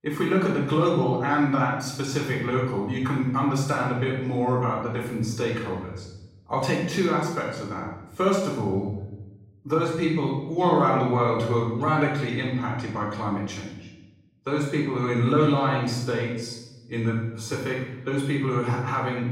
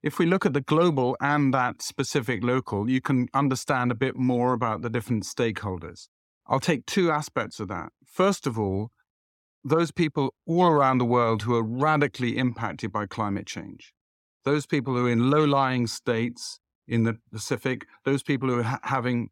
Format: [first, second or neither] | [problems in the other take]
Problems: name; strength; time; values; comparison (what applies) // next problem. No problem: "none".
second | room echo; noticeable; dies away in 0.8 s // off-mic speech; far